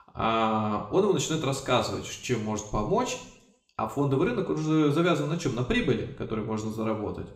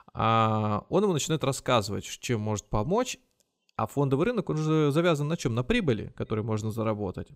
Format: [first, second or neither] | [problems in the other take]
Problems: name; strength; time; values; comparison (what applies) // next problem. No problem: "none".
second | room echo; slight; dies away in 0.6 s // off-mic speech; somewhat distant